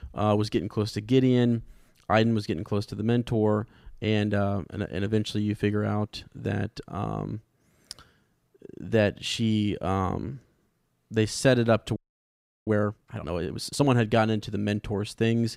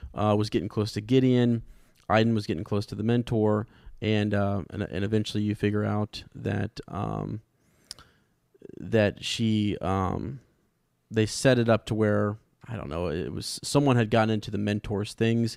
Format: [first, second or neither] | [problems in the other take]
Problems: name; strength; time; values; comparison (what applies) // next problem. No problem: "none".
second | audio freezing; at 12 s for 0.5 s